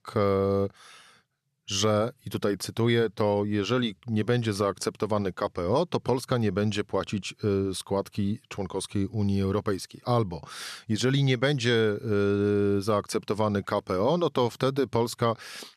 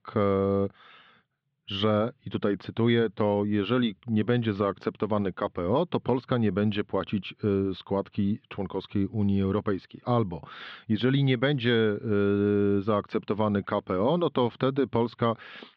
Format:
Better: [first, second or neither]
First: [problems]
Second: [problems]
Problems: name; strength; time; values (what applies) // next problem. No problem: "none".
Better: first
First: none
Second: muffled; very; fading above 3.5 kHz